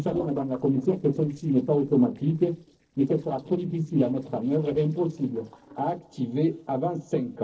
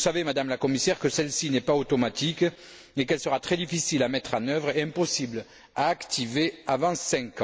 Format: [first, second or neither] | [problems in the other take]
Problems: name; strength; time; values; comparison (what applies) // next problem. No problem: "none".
second | noise reduction (neural separator model SepFormer DNS4)